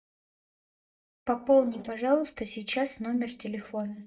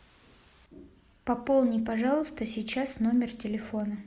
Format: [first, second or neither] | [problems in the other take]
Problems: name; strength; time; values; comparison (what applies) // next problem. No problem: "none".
second | noise reduction (neural mask model DeepFilterNet 3)